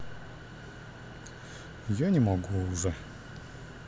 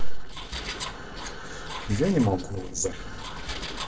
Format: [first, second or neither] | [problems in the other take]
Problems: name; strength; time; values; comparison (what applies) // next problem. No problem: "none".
first | noise reduction (neural separator model SepFormer DNS4)